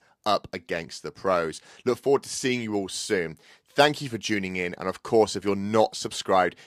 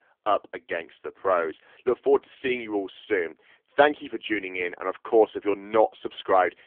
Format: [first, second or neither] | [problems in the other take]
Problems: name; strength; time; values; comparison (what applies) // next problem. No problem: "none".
first | phone-call audio; poor line; nothing above 3.5 kHz